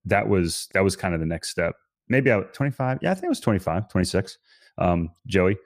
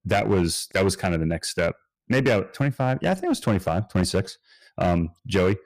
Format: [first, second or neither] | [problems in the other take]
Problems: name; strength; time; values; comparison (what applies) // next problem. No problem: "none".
first | distortion; slight; 6% of the sound clipped